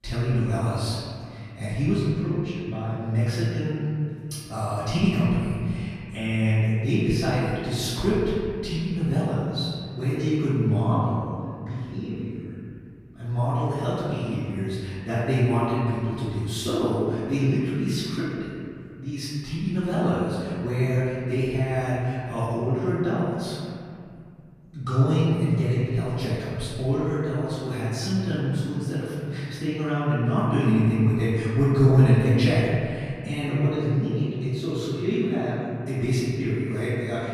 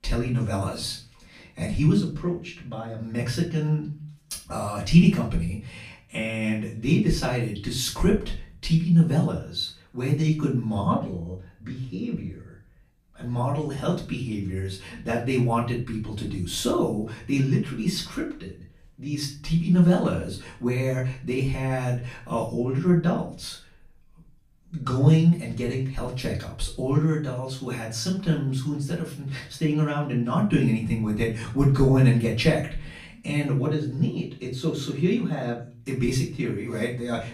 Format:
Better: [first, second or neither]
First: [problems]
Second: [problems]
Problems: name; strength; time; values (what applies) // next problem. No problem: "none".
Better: second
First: room echo; strong; dies away in 2.4 s // off-mic speech; far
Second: room echo; slight; dies away in 0.4 s // off-mic speech; far